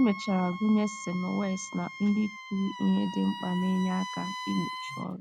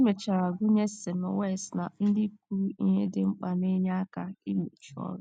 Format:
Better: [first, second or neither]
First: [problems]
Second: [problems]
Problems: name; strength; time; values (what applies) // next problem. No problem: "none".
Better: second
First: background sound (Wind instrument, woodwind instrument); 11 dB below the speech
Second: none